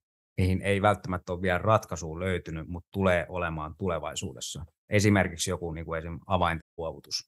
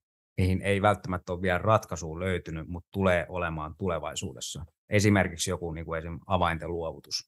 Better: second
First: audio cutting out; at 6.5 s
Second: none

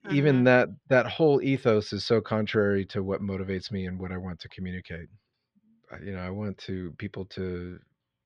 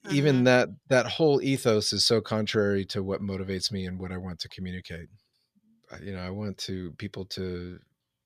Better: second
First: muffled; slightly; fading above 2.5 kHz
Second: none

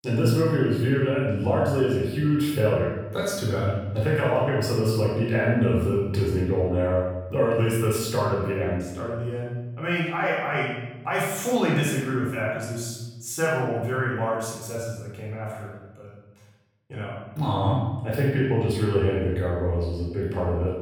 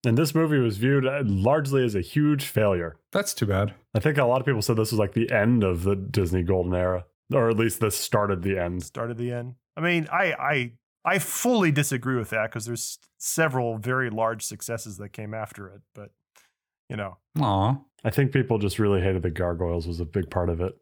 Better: second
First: room echo; noticeable; dies away in 1 s // off-mic speech; far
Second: none

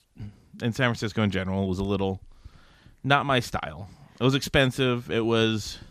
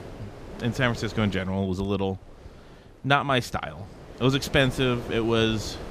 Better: first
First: none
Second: wind noise on the microphone; occasional gusts; 15 dB below the speech

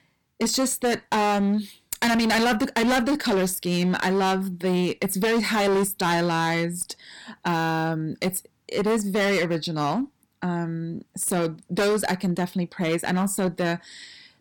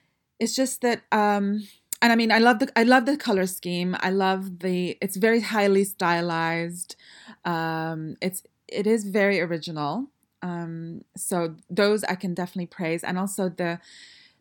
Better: second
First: distortion; heavy; 16% of the sound clipped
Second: none

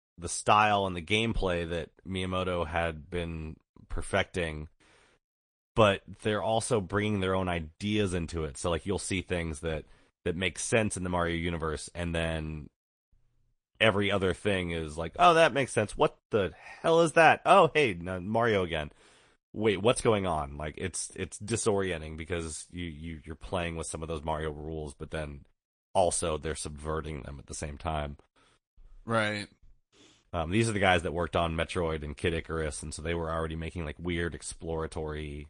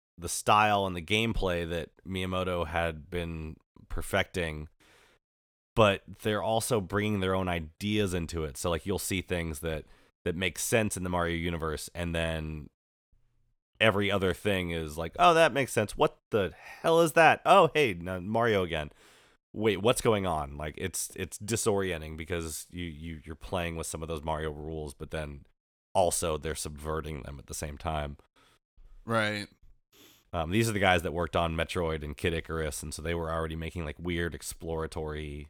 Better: second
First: garbled, watery; slightly; nothing above 9.5 kHz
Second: none

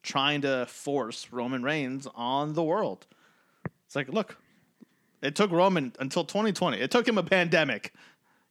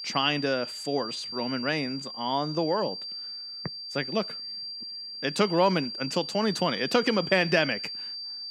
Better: first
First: none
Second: high-pitched whine; loud; throughout; 4.5 kHz, 7 dB below the speech

